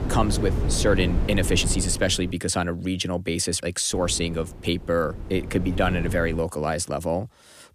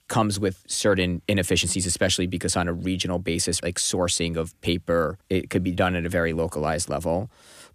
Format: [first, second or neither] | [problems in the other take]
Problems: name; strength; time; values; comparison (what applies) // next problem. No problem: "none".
second | wind noise on the microphone; occasional gusts; until 2.5 s and from 4 to 6.5 s; 10 dB below the speech